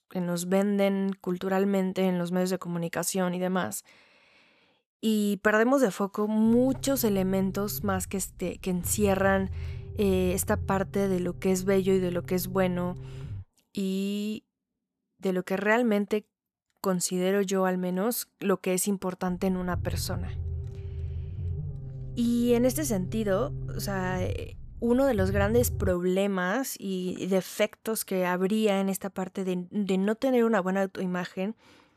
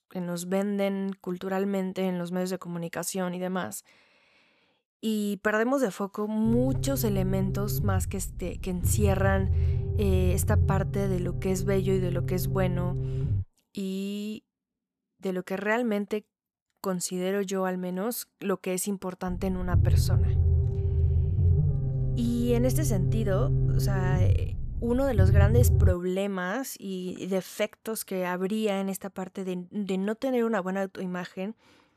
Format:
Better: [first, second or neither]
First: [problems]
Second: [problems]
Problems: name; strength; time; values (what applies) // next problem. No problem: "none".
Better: first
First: low rumble; faint; from 6.5 to 13 s and from 19 to 26 s; 20 dB below the speech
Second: low rumble; loud; from 6.5 to 13 s and from 19 to 26 s; 8 dB below the speech